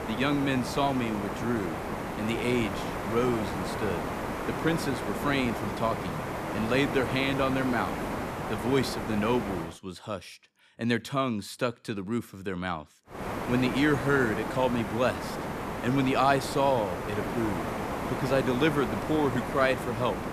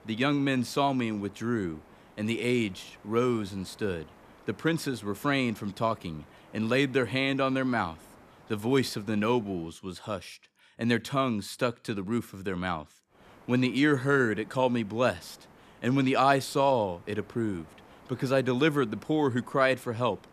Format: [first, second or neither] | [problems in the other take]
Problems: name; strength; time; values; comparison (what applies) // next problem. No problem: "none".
second | hiss; loud; until 9.5 s and from 13 s on; 4 dB below the speech; faint in the second